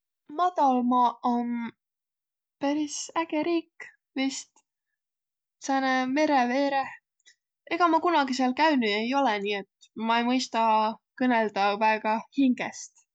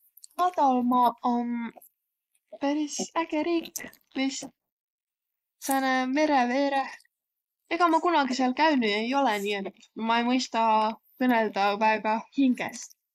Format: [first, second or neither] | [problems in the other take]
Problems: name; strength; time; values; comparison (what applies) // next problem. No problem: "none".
first | noise reduction (neural mask model Resemble Enhance denoiser)